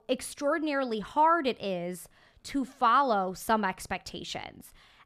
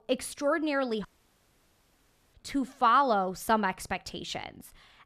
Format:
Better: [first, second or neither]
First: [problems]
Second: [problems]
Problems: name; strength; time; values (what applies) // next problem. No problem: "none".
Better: first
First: none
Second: audio cutting out; at 1 s for 1.5 s